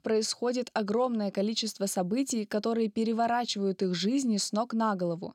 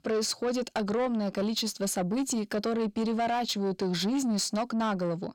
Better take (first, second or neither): first